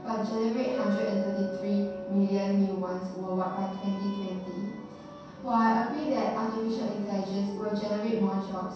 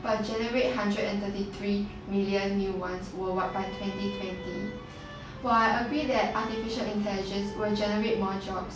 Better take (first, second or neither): second